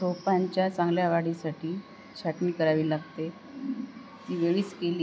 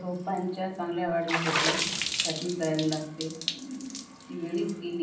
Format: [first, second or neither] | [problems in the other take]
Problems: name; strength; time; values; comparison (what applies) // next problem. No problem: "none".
first | background sound (Water / Splash, splatter); 2 dB below the speech // room echo; dies away in 0.6 s